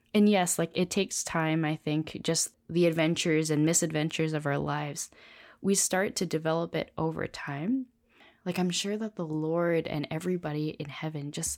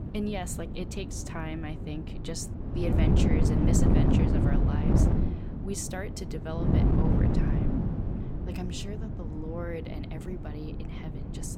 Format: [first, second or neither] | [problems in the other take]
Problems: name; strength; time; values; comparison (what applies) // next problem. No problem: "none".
first | wind noise on the microphone; heavy; 2 dB above the speech